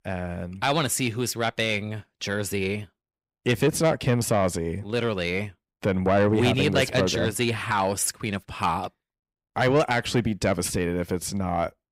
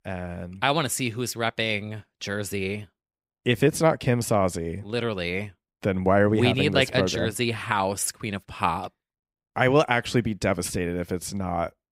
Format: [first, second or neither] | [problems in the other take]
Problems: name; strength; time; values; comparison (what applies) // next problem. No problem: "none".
second | distortion; slight; 10 dB below the speech